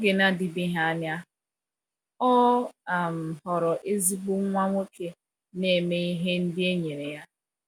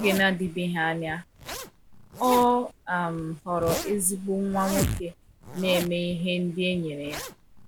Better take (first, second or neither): first